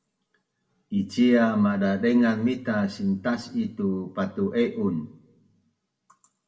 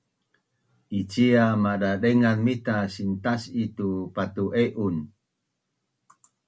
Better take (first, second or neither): second